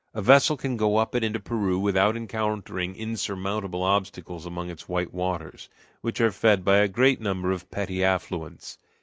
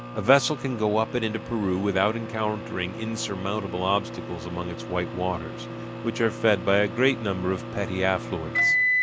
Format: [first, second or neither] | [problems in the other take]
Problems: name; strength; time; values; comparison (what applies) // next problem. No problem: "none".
first | background sound (Microwave oven); 5 dB below the speech